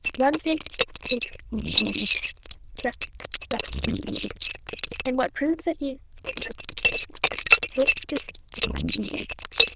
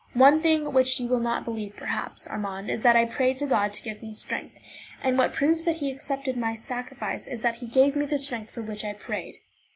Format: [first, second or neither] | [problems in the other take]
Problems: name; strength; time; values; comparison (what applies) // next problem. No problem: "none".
second | noise reduction (neural diffusion model UNIVERSE++)